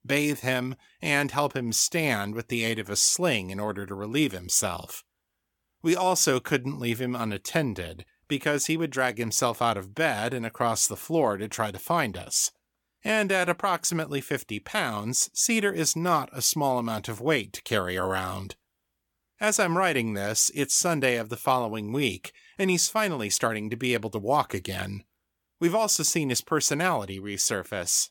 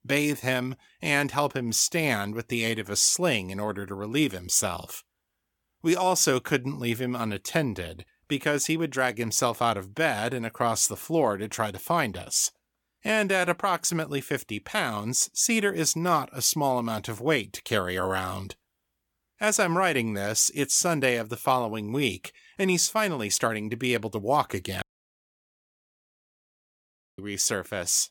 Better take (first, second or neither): first